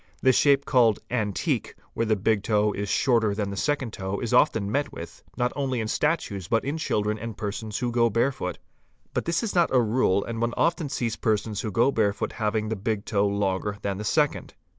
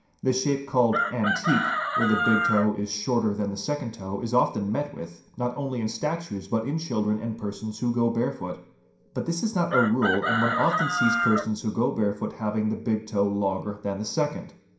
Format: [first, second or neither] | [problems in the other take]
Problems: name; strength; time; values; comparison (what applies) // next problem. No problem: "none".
first | background sound (Chicken, rooster); 1 dB below the speech // room echo; dies away in 0.5 s